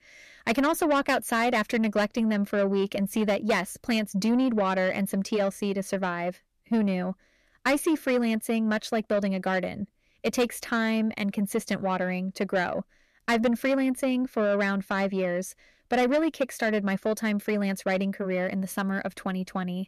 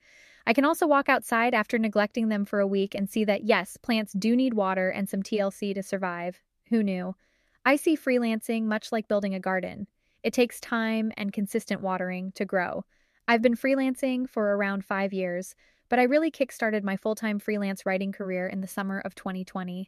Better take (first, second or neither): second